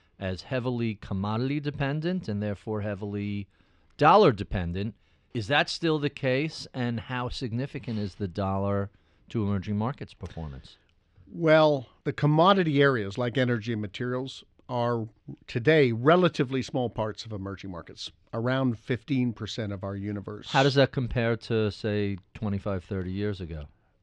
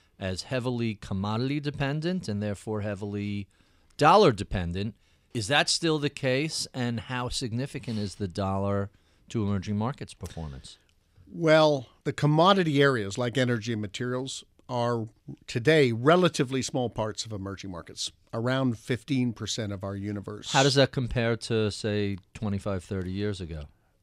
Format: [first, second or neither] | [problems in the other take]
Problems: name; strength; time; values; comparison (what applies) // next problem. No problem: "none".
second | muffled; very slightly; fading above 3.5 kHz